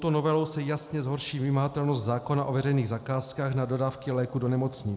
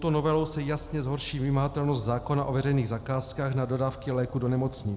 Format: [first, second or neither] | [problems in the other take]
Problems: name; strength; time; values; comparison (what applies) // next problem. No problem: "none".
first | background sound (Engine starting / Motor vehicle (road)); 17 dB below the speech